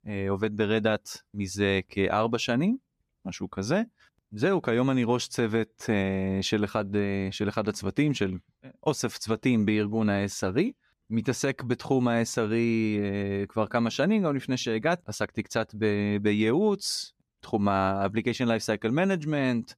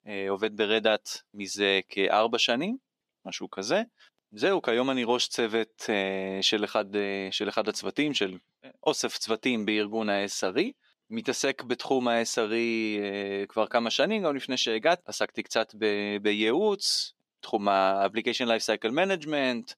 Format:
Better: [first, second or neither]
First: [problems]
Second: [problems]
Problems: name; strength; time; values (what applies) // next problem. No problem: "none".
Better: first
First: none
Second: thin; somewhat; fading below 350 Hz